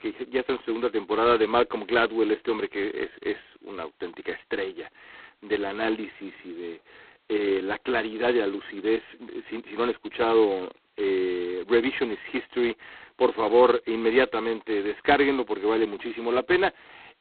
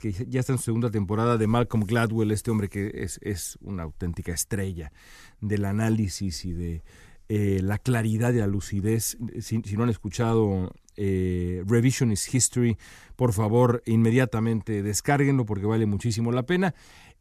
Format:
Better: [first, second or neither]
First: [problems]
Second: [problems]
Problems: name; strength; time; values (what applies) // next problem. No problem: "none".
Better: second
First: phone-call audio; poor line; nothing above 4 kHz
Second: none